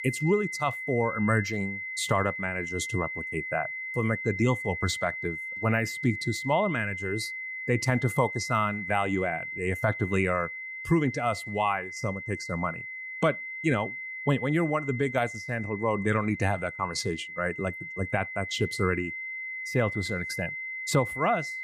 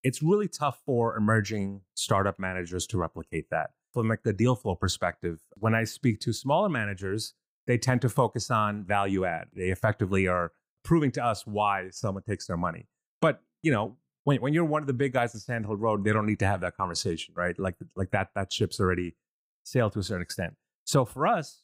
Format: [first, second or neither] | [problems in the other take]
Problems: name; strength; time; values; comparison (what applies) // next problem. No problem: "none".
second | high-pitched whine; loud; throughout; 2 kHz, 6 dB below the speech